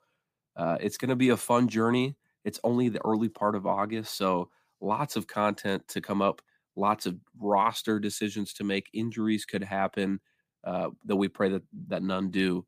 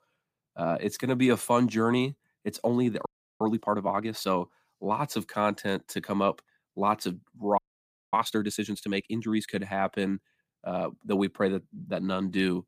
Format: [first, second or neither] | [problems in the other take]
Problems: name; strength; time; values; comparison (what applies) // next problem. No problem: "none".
first | audio freezing; at 3 s and at 7.5 s for 0.5 s